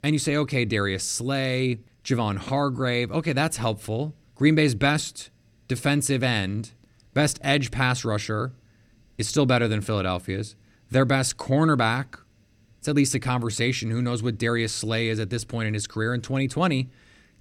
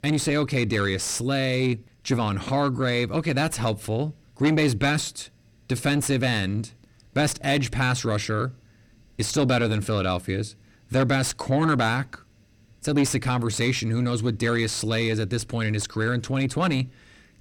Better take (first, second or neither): first